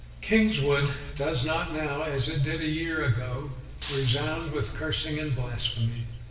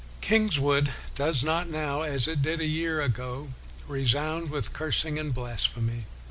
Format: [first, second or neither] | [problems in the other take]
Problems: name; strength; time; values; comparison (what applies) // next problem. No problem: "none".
second | background sound (Shatter); 16 dB below the speech // room echo; dies away in 1 s